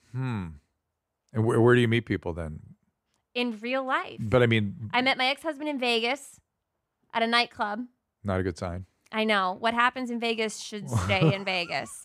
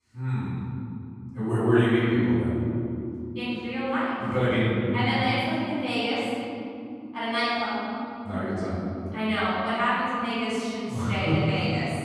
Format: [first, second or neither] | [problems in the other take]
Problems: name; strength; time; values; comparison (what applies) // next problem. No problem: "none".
first | off-mic speech; far // room echo; strong; dies away in 3 s